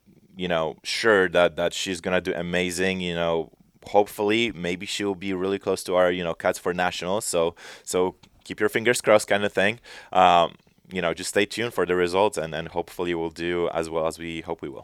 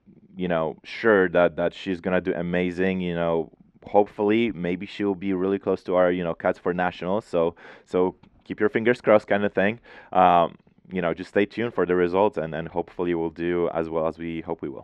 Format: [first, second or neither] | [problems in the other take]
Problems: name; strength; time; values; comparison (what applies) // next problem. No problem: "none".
first | muffled; very; fading above 2 kHz